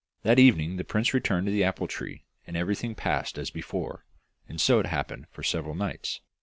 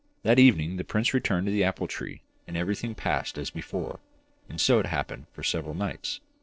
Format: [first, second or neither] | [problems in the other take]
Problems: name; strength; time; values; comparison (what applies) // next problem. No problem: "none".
first | noise reduction (neural separator model SepFormer DNS4)